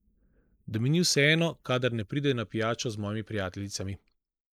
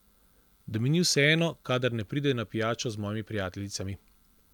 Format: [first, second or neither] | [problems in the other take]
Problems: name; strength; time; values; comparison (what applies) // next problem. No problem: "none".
second | noise reduction (neural mask model Resemble Enhance denoiser)